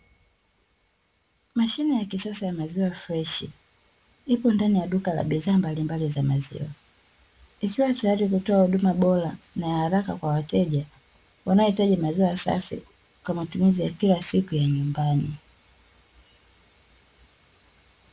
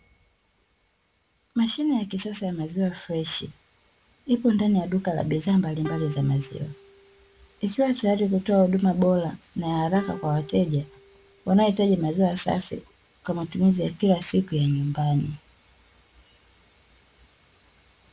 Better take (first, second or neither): first